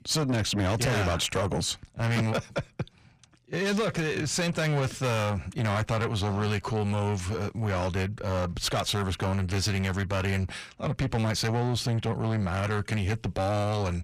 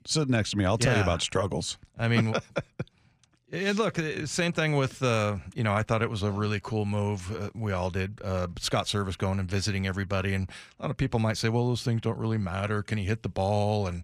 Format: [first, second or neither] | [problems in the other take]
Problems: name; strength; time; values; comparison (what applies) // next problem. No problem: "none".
second | distortion; heavy; 8 dB below the speech